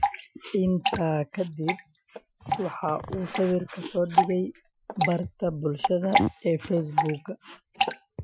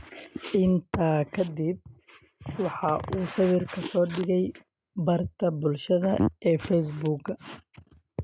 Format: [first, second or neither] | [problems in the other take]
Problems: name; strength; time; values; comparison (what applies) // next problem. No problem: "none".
second | noise reduction (classical method Wiener filter)